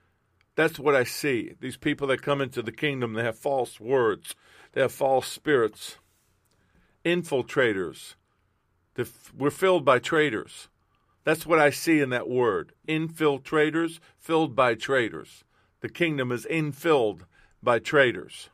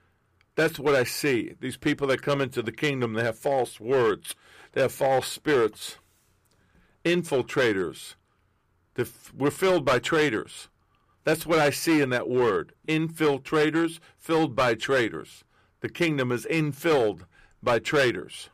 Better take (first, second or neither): first